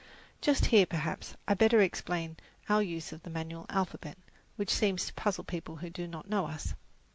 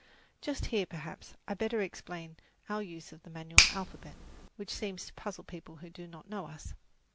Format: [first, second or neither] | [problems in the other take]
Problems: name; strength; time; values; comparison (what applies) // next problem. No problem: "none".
first | background sound (Finger snapping); 3 dB above the speech